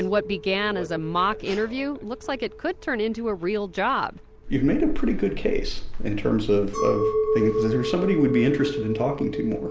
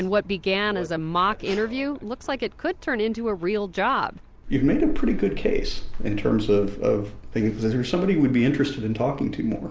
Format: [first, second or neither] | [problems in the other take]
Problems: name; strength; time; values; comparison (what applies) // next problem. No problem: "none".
second | background sound (Chink, clink); 6 dB below the speech